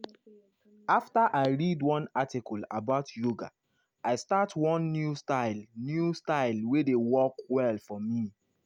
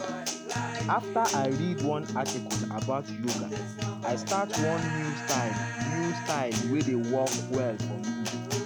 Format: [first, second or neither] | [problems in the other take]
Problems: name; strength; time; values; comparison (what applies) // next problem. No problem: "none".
first | background sound (Guitar); 1 dB below the speech